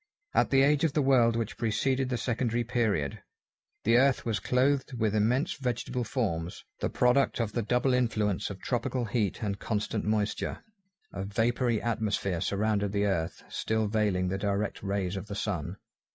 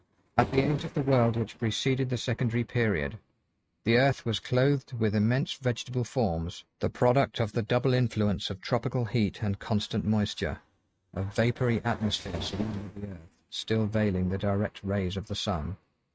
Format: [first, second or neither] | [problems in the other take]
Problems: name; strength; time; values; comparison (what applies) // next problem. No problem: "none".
first | noise reduction (neural mask model RNNoise)